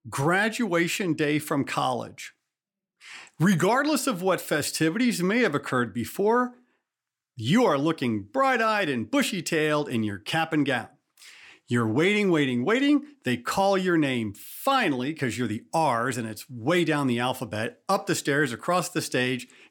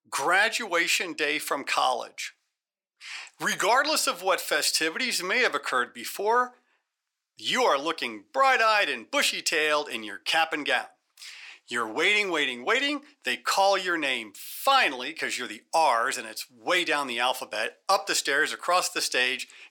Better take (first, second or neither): first